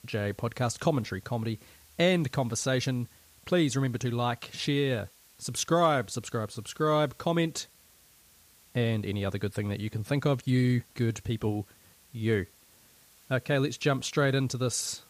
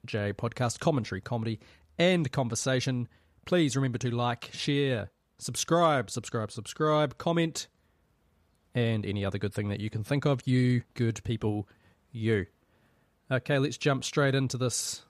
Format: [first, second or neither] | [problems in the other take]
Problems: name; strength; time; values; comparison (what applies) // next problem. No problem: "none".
second | hiss; faint; throughout; 25 dB below the speech